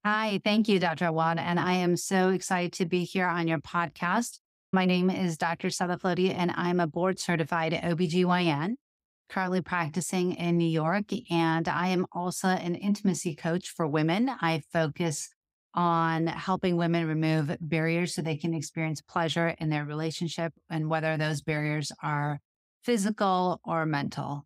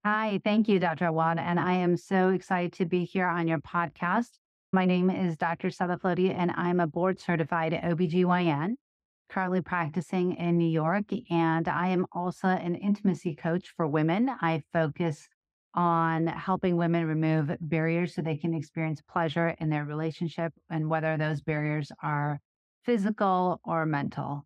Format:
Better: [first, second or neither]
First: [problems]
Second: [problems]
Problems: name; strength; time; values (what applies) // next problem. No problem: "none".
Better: first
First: none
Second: muffled; slightly; fading above 4 kHz